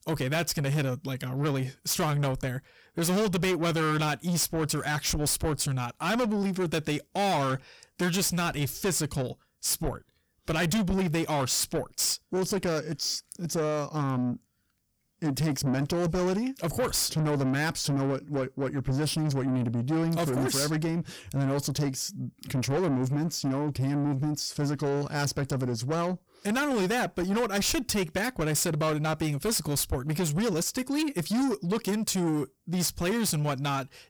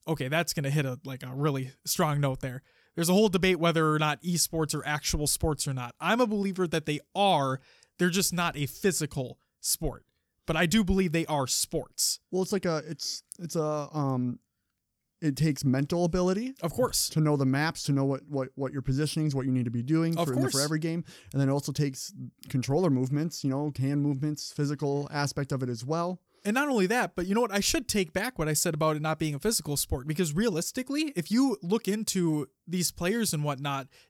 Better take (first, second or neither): second